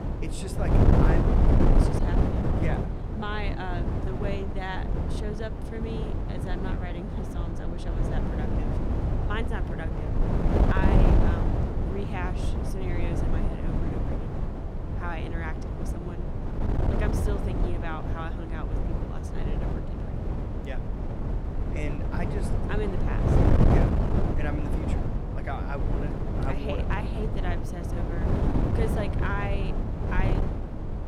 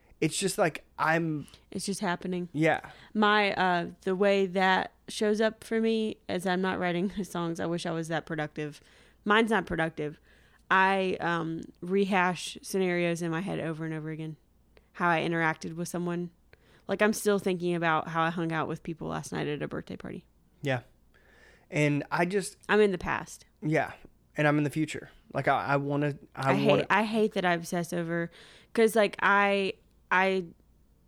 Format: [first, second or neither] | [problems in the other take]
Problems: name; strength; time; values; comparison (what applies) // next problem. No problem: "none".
second | wind noise on the microphone; heavy; 2 dB above the speech